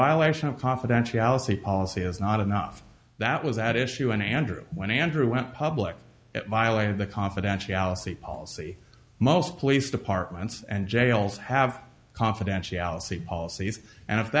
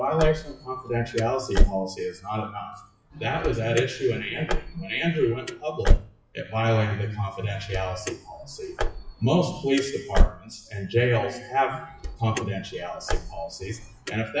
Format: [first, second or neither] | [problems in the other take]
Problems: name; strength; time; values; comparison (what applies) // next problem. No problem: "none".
first | noise reduction (classical method WPE with log-MMSE)